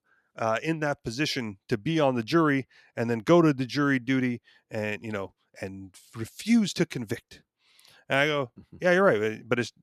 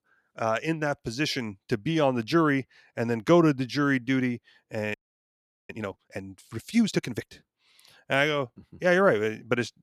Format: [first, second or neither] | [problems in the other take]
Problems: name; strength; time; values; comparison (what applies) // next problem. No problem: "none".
first | audio freezing; at 5 s for 1 s